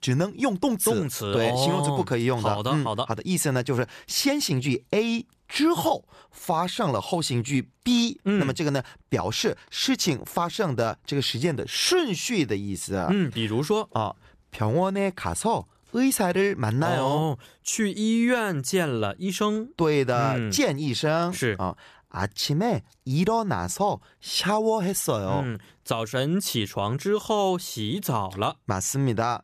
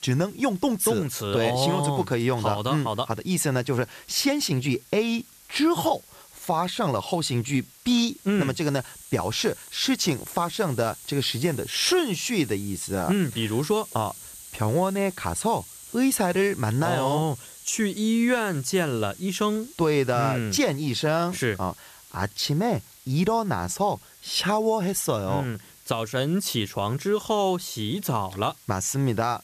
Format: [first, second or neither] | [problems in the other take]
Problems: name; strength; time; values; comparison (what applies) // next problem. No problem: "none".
first | hiss; noticeable; throughout; 20 dB below the speech